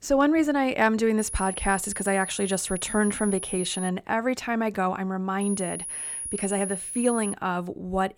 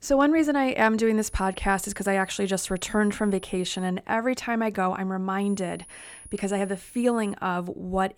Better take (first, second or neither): second